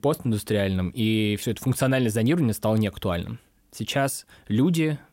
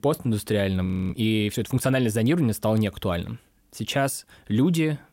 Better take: first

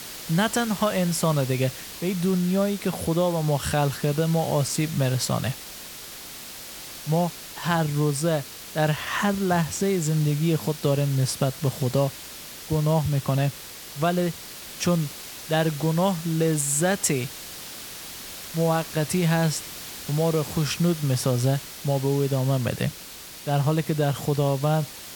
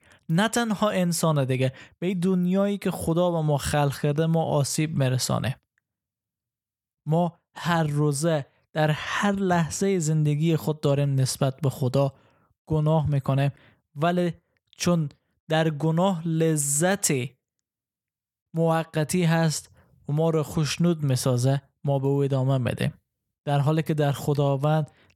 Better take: second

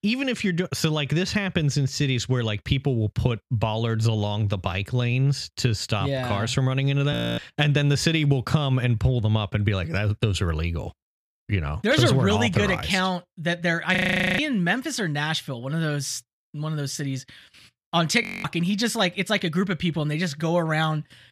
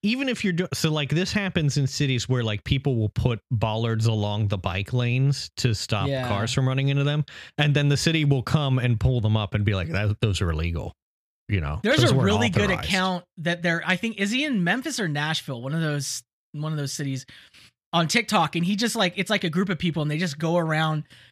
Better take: second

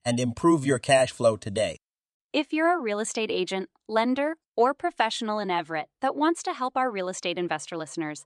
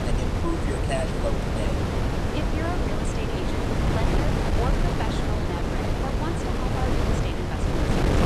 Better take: first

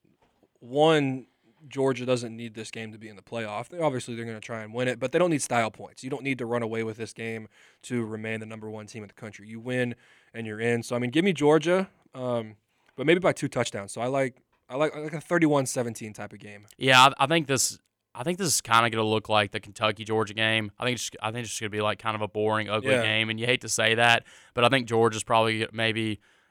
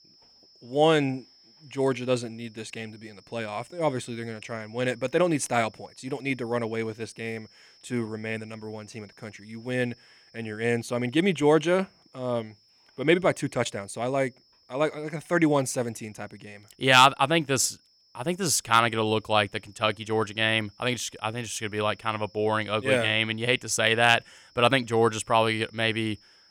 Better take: first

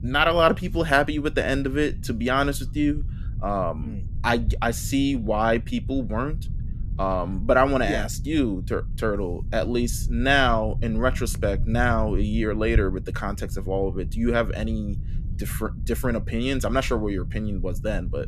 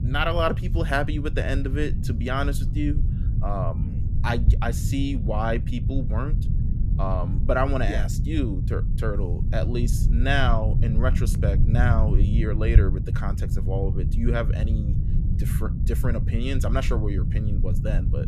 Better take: first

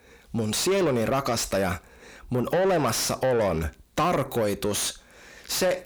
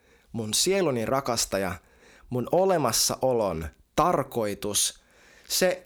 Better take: second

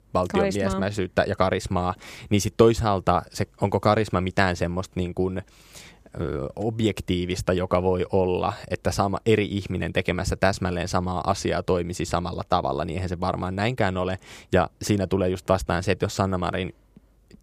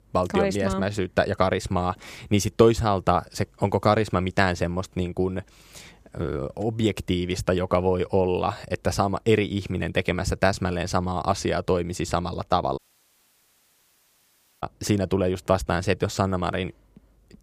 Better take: first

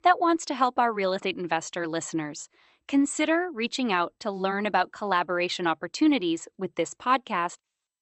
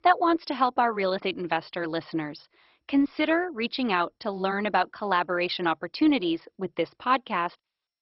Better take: first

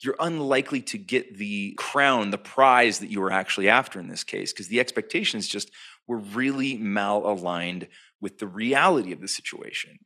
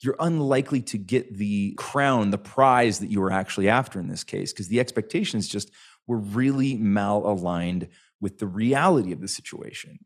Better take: second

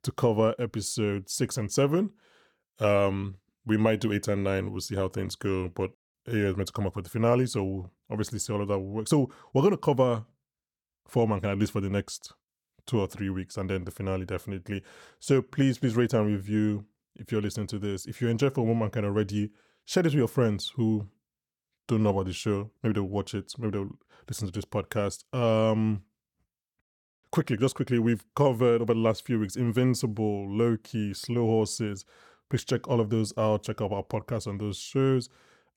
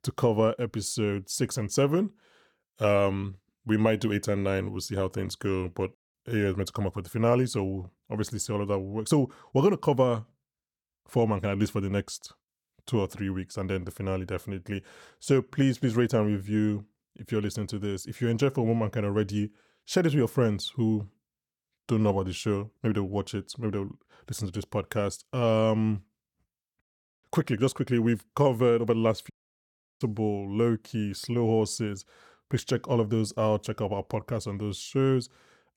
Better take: first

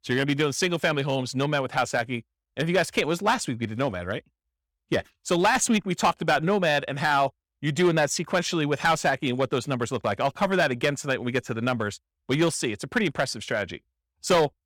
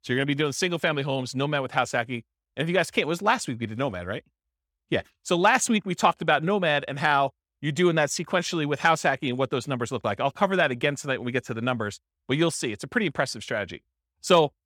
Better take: second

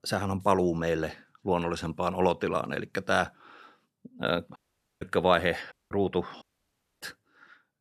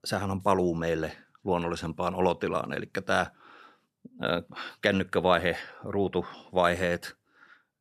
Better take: second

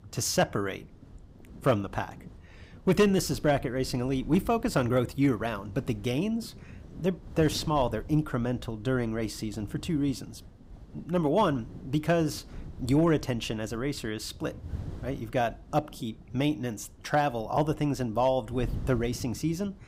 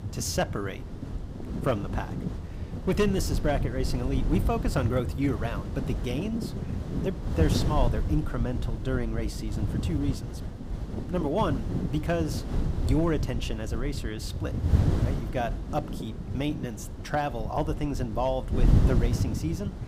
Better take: first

